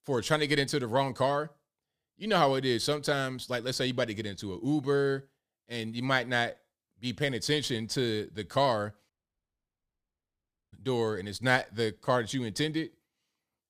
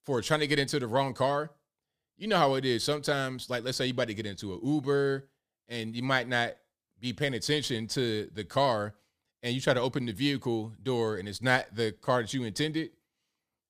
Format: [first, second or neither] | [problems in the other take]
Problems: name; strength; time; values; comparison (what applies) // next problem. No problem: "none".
second | audio cutting out; at 9 s for 1.5 s